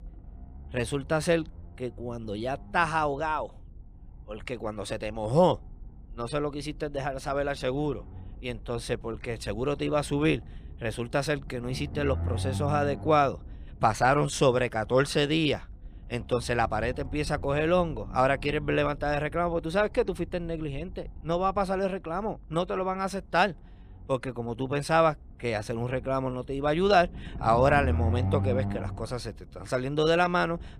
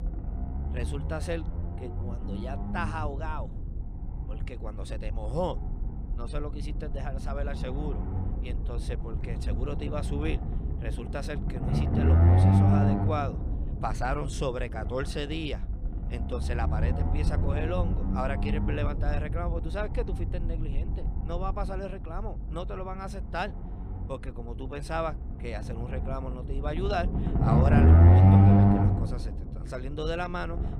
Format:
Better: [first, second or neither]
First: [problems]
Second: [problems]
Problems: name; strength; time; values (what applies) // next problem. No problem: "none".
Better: first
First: low rumble; faint; throughout; 20 dB below the speech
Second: low rumble; loud; throughout; as loud as the speech